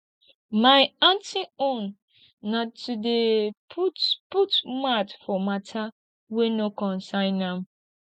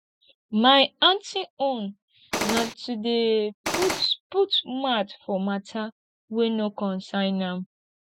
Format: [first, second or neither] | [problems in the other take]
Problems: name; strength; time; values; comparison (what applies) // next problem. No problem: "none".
first | noise reduction (classical method Wiener filter)